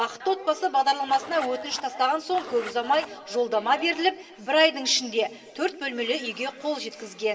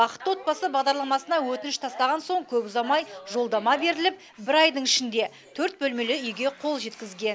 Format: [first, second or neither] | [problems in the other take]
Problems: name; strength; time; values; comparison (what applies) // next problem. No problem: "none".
second | background sound (Zipper (clothing)); 15 dB below the speech // room echo; dies away in 2.2 s